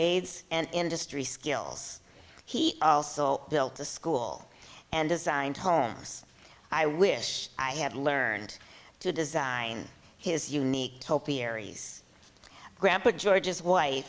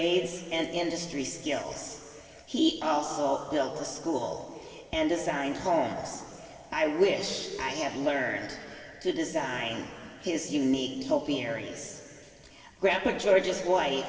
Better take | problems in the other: first | room echo; dies away in 2.5 s

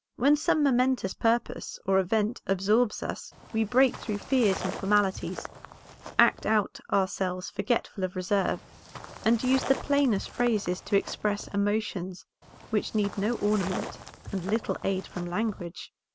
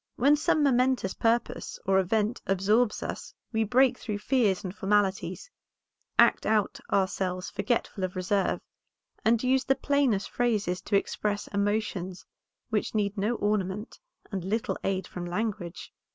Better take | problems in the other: second | background sound (Walk, footsteps); 13 dB below the speech

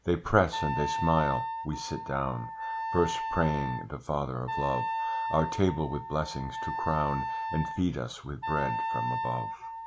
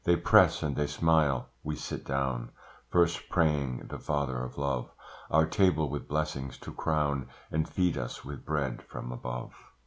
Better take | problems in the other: second | background sound (Wind instrument, woodwind instrument); 4 dB below the speech

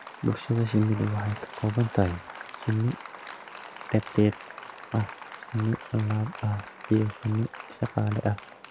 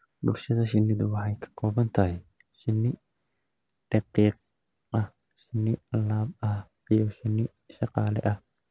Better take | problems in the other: second | background sound (Applause); 15 dB below the speech

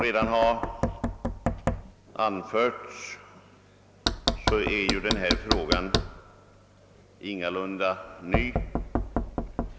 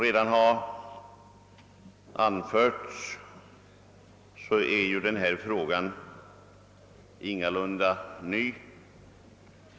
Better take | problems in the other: second | background sound (Knock); as loud as the speech

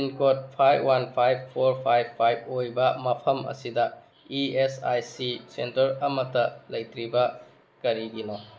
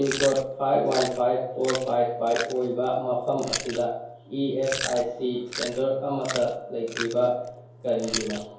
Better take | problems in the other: first | background sound (Chewing, mastication); 10 dB below the speech // room echo; dies away in 2.4 s

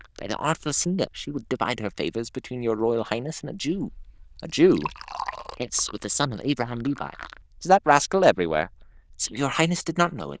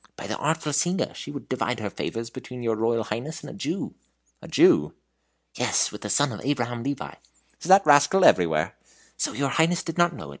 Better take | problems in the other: second | noise reduction (neural diffusion model UNIVERSE++)

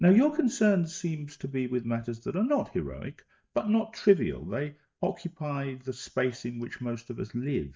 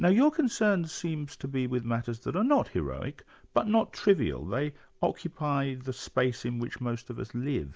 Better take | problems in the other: second | noise reduction (neural mask model DeepFilterNet 3)

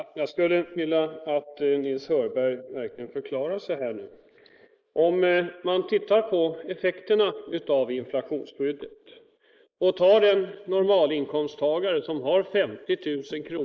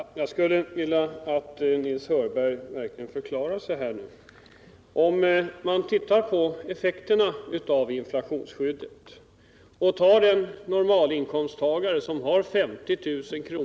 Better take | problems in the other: second | noise reduction (neural mask model Resemble Enhance denoiser)

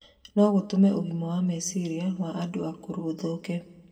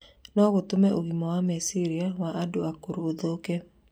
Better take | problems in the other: second | room echo; dies away in 1 s

